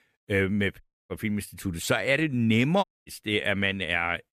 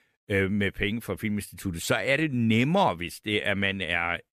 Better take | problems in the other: second | audio cutting out; at 1 s and at 3 s

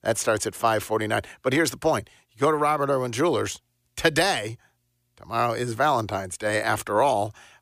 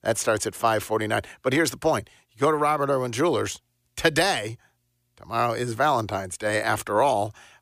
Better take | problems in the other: neither | none

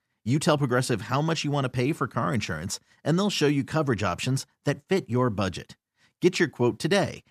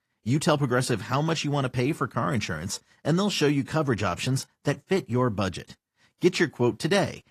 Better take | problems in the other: first | garbled, watery; slightly; nothing above 14.5 kHz

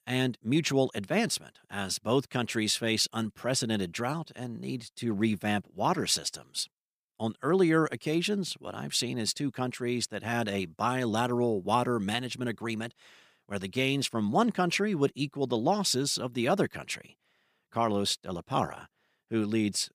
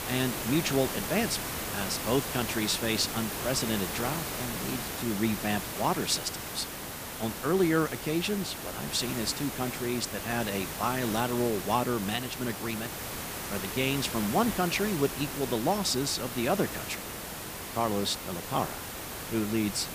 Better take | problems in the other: first | hiss; loud; throughout; 4 dB below the speech

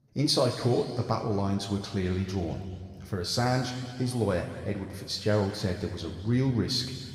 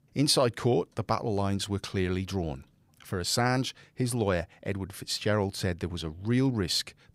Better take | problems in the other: second | room echo; noticeable; dies away in 2.2 s // off-mic speech; somewhat distant

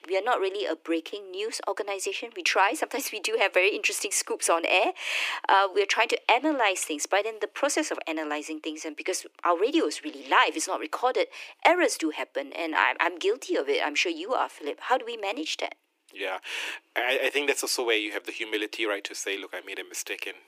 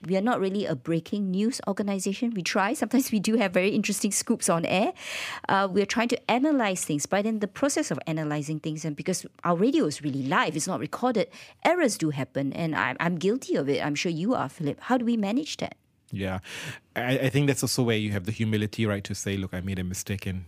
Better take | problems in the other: second | thin; very; fading below 300 Hz

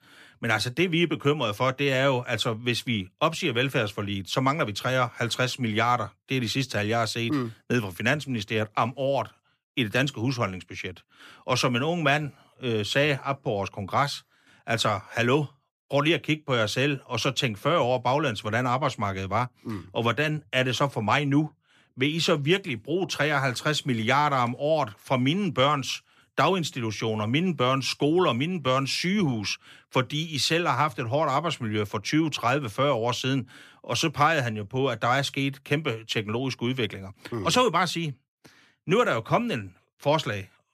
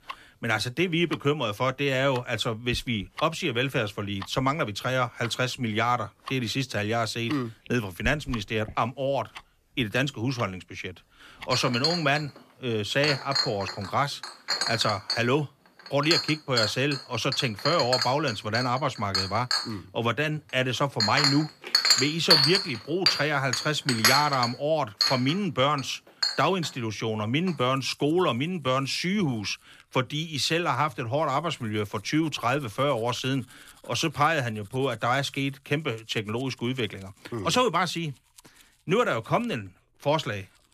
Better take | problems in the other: first | household noises; very loud; throughout; 1 dB above the speech

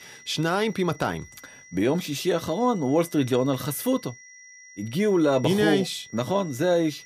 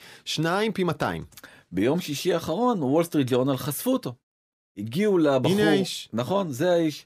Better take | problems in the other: second | high-pitched whine; faint; throughout; 2 kHz, 20 dB below the speech

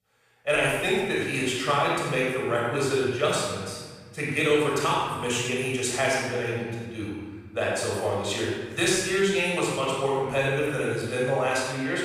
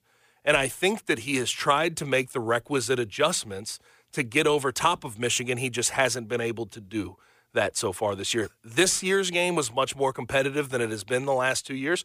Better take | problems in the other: second | off-mic speech; far // room echo; strong; dies away in 1.5 s

